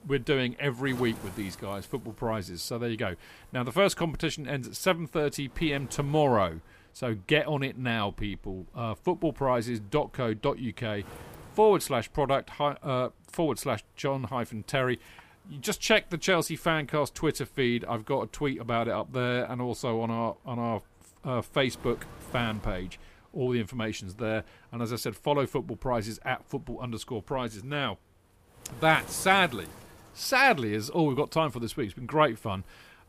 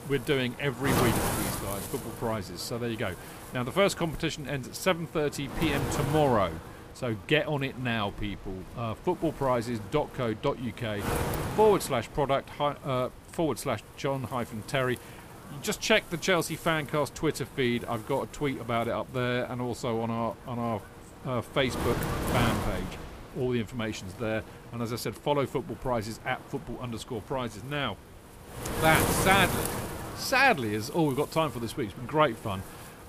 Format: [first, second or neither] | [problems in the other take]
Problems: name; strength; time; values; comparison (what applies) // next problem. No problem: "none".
first | wind noise on the microphone; heavy; 8 dB below the speech; occasional gusts in the first